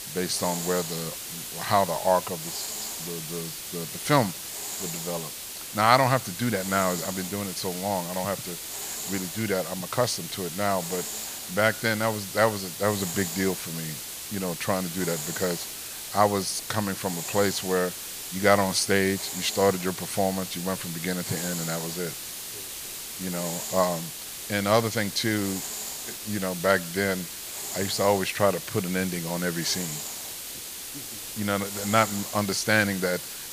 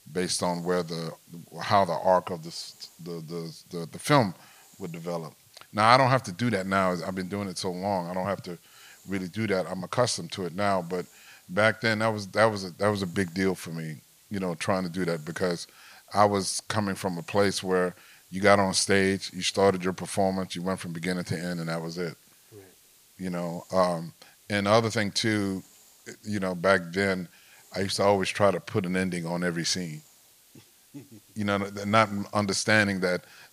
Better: second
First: hiss; loud; throughout; 6 dB below the speech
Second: hiss; faint; throughout; 30 dB below the speech

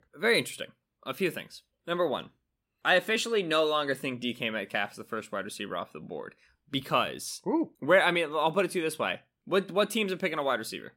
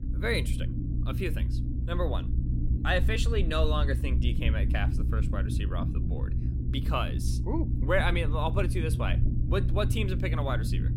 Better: first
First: none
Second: low rumble; loud; throughout; 10 dB below the speech

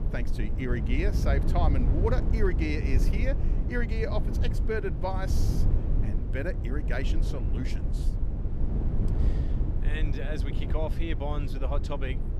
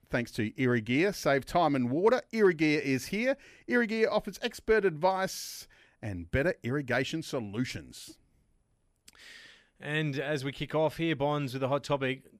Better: second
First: low rumble; loud; throughout; 7 dB below the speech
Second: none

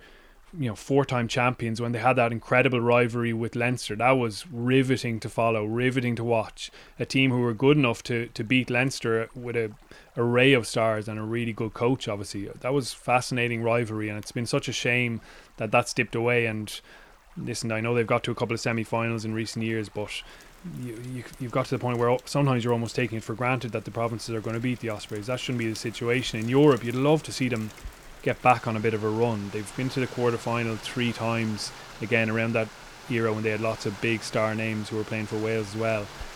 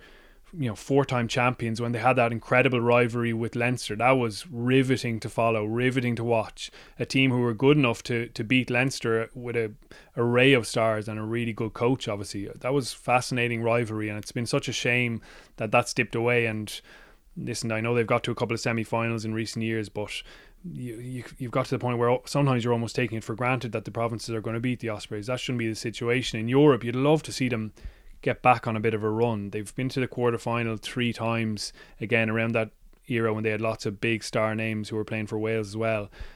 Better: second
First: rain or running water; noticeable; throughout; 20 dB below the speech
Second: none

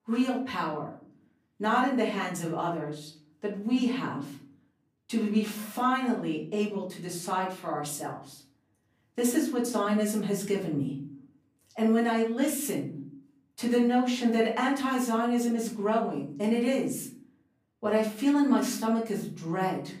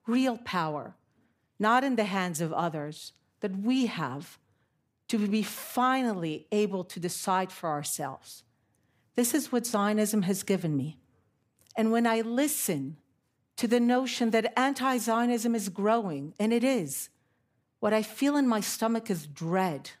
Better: second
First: room echo; slight; dies away in 0.4 s // off-mic speech; far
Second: none

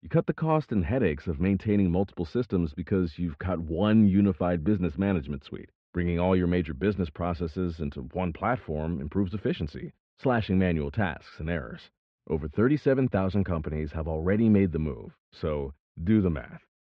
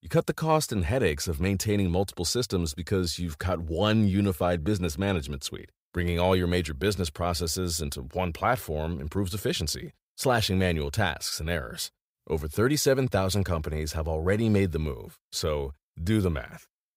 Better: second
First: muffled; very; fading above 3 kHz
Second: none

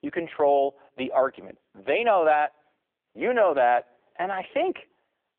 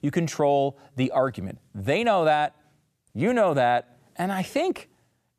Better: second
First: phone-call audio; poor line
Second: none

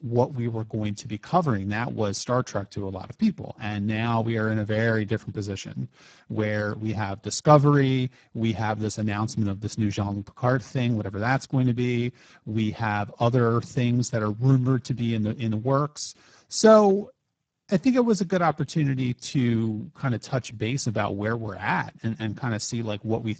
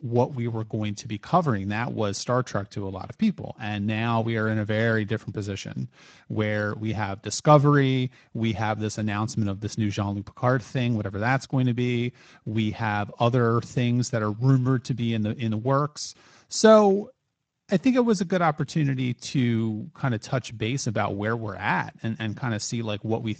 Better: second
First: garbled, watery; badly; nothing above 7.5 kHz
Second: garbled, watery; slightly; nothing above 7.5 kHz

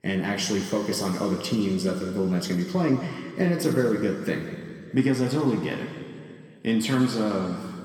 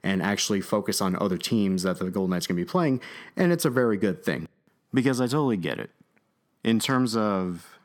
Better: second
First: room echo; noticeable; dies away in 2.2 s // off-mic speech; somewhat distant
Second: none

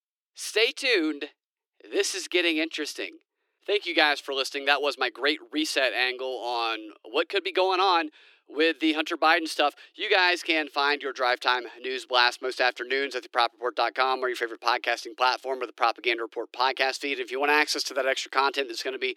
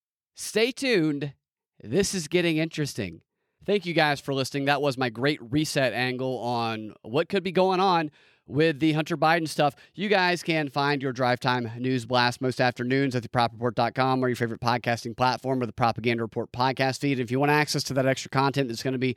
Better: second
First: thin; very; fading below 300 Hz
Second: none

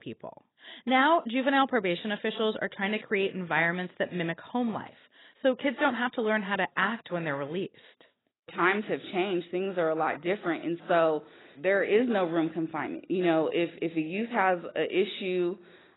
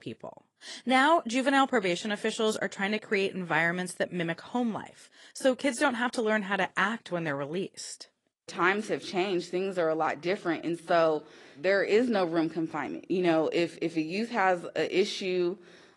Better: second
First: garbled, watery; badly; nothing above 4 kHz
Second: garbled, watery; slightly; nothing above 10.5 kHz

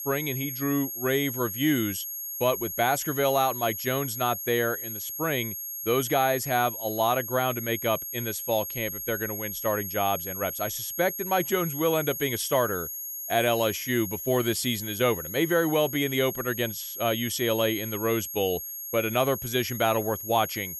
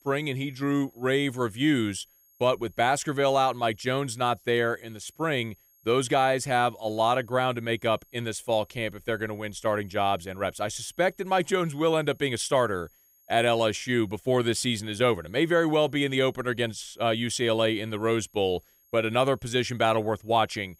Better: second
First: high-pitched whine; loud; throughout; 11.5 kHz, 6 dB below the speech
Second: high-pitched whine; faint; throughout; 11.5 kHz, 35 dB below the speech

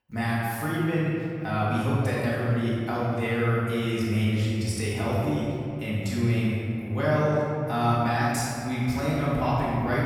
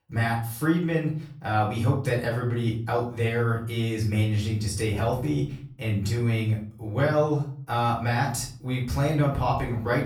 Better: second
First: room echo; strong; dies away in 2.1 s // off-mic speech; far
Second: room echo; slight; dies away in 0.5 s // off-mic speech; far

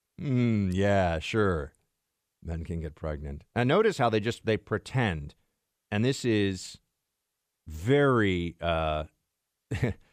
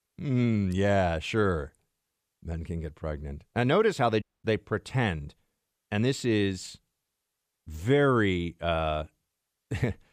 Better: first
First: none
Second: audio cutting out; at 4 s

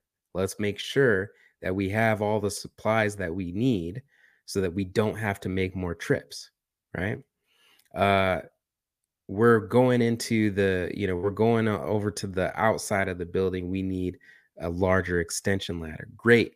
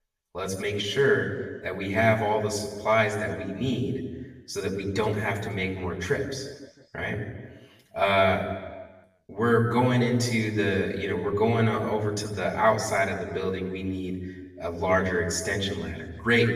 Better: first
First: none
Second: room echo; noticeable; dies away in 1.1 s // off-mic speech; far

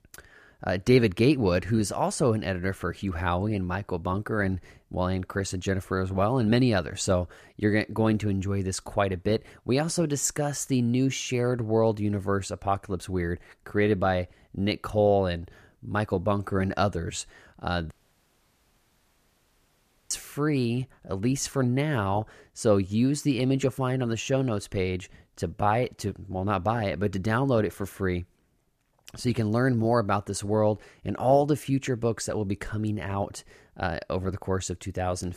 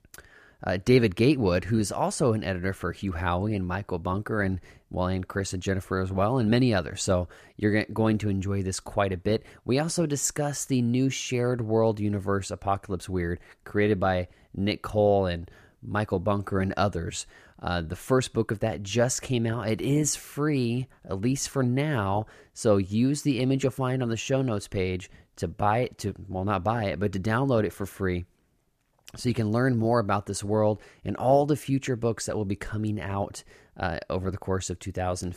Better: second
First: audio cutting out; at 18 s for 2 s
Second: none

